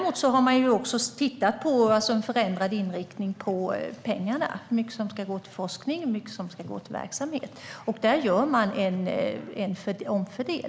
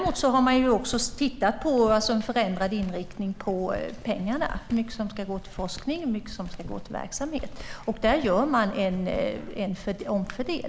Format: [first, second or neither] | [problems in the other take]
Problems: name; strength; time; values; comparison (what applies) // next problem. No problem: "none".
first | background sound (Walk, footsteps); 12 dB below the speech